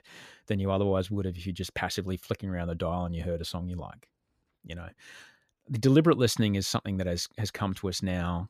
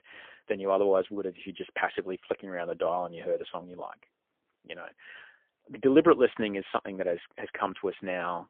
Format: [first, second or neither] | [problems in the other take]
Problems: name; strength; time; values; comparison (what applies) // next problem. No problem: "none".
first | phone-call audio; poor line; nothing above 3.5 kHz